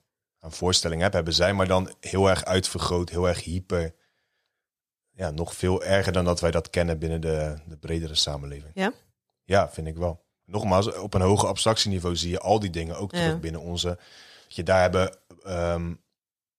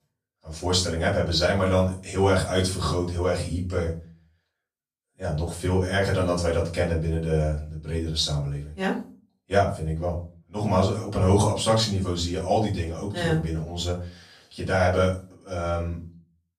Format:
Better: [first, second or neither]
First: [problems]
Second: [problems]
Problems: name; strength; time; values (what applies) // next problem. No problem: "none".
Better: first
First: none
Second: off-mic speech; far // room echo; slight; dies away in 0.4 s